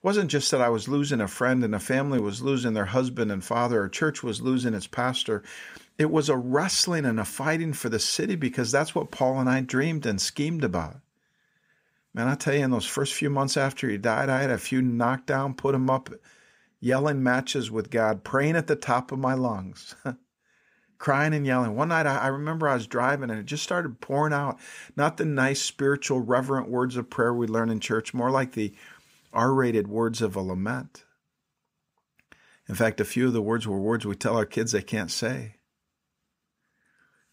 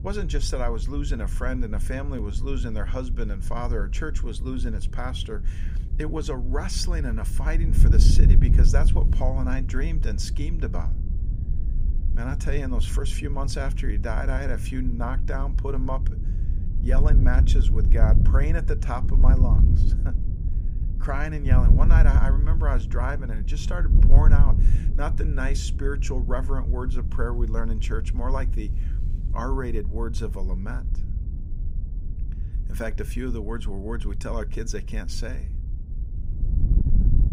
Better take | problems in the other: first | wind noise on the microphone; heavy; 8 dB below the speech

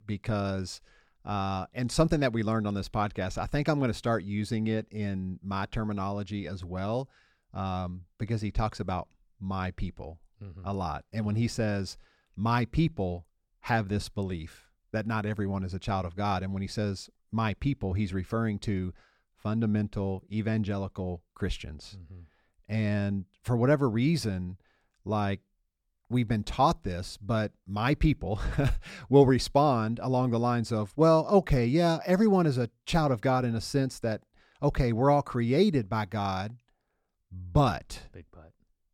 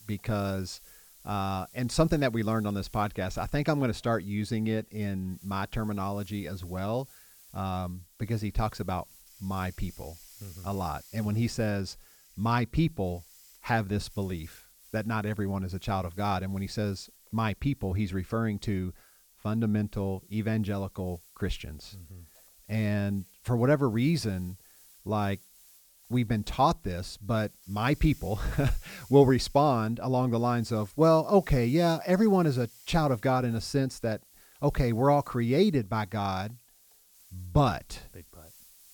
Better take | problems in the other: first | hiss; faint; throughout; 25 dB below the speech

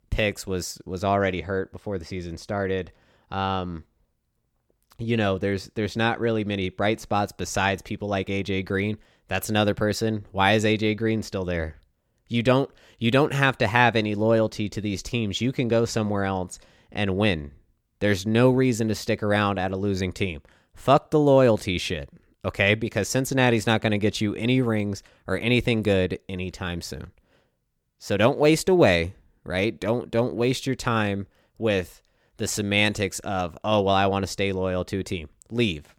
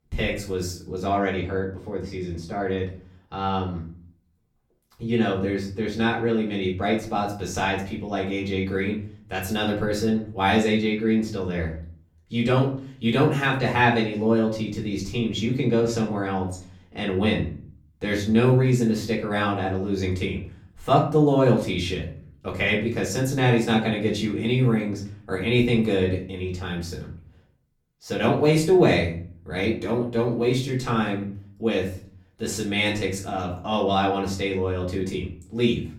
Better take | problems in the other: first | room echo; slight; dies away in 0.4 s // off-mic speech; far

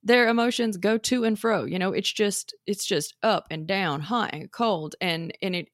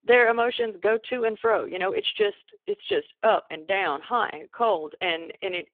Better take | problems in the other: first | phone-call audio; poor line; nothing above 3.5 kHz

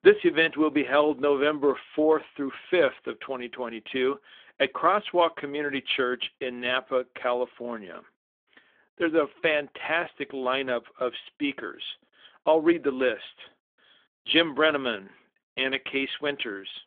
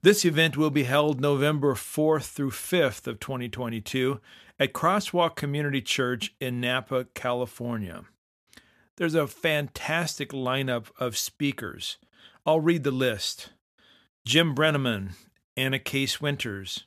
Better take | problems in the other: second | phone-call audio; nothing above 3.5 kHz

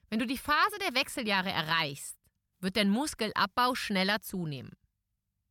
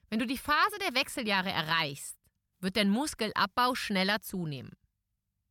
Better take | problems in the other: neither | none

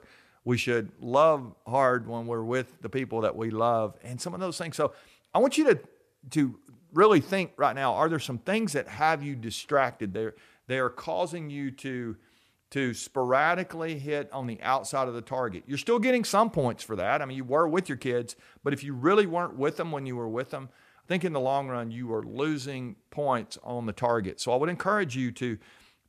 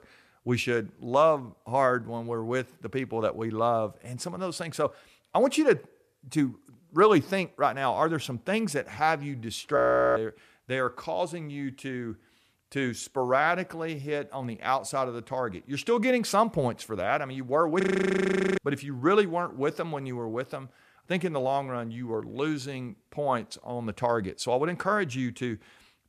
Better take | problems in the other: first | audio freezing; at 10 s and at 18 s for 1 s

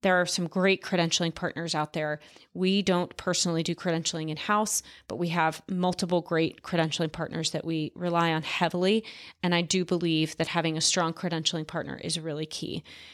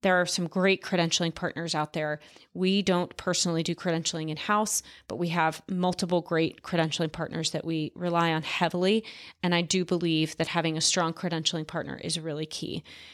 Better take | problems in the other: neither | none

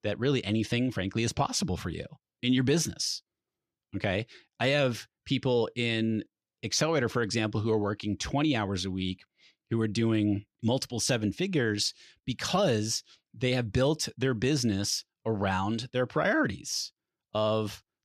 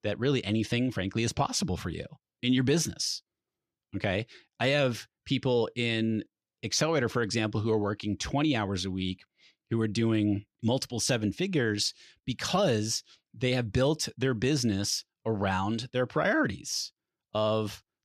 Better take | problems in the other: neither | none

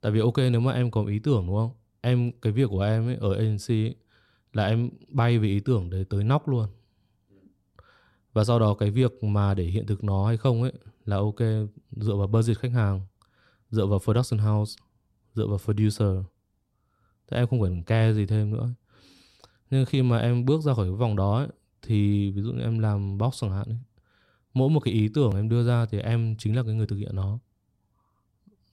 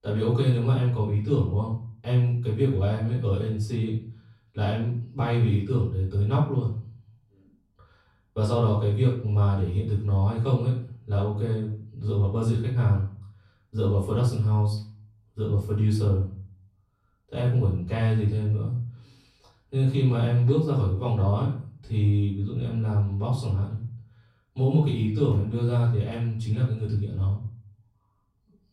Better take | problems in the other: first | off-mic speech; far // room echo; noticeable; dies away in 0.4 s

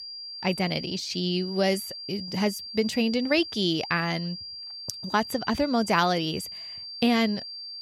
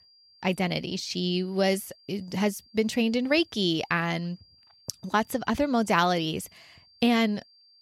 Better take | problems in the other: second | high-pitched whine; loud; throughout; 4.5 kHz, 9 dB below the speech; faint in the second

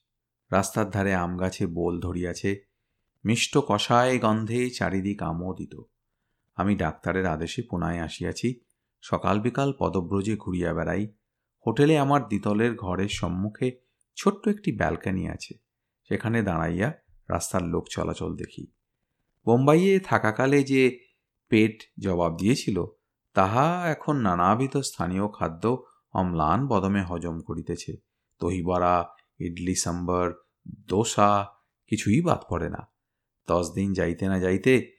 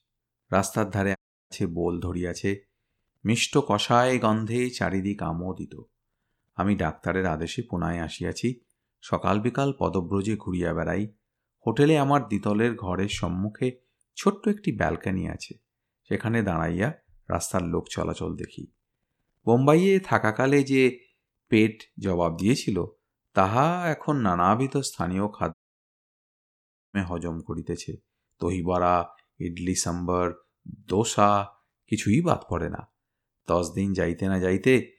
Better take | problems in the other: first | audio cutting out; at 1 s and at 26 s for 1.5 s

